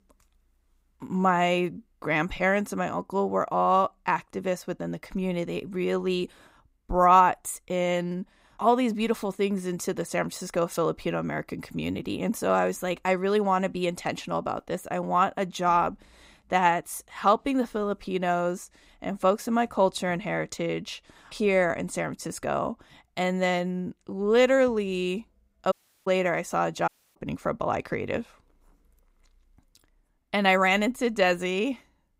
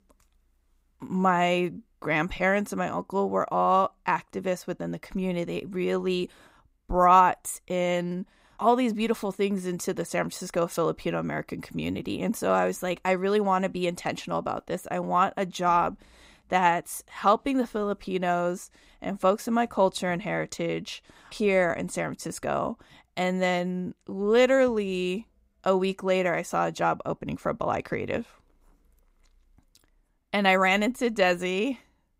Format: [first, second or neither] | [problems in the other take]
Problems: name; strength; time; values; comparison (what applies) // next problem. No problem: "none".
second | audio cutting out; at 26 s and at 27 s